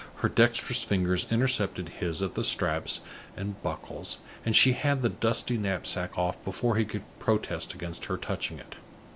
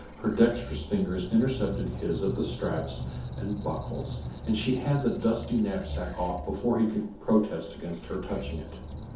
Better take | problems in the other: first | background sound (Squeak); 9 dB below the speech // room echo; dies away in 0.5 s

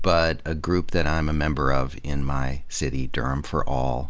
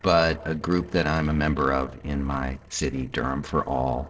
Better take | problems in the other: first | noise reduction (neural separator model SepFormer DNS4)

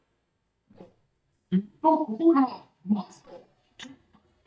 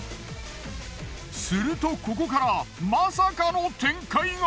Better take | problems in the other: second | noise reduction (neural mask model DeepFilterNet 3)

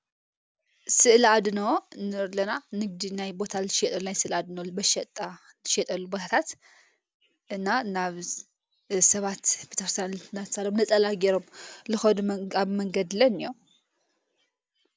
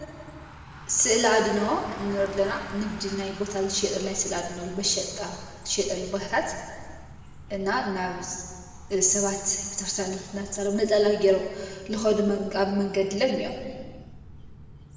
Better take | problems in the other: first | background sound (Bicycle); 16 dB below the speech // room echo; dies away in 1.5 s

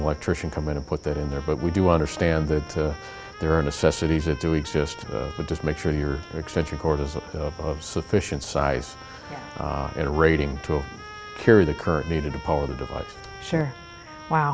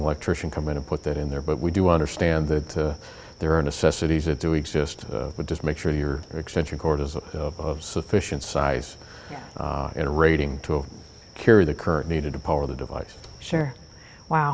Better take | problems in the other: second | background sound (Trumpet); 18 dB below the speech

